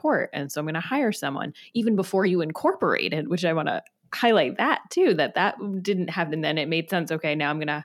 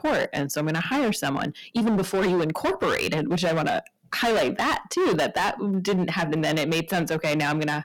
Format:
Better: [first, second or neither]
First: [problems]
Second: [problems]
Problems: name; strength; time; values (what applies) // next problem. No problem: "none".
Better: first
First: none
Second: distortion; heavy; 19% of the sound clipped